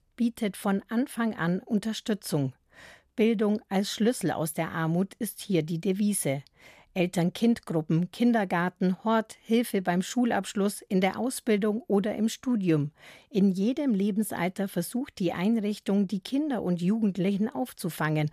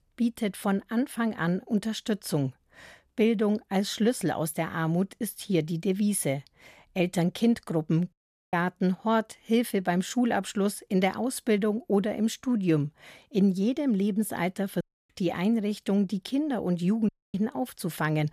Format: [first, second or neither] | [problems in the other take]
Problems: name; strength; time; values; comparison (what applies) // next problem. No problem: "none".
first | audio cutting out; at 8 s, at 15 s and at 17 s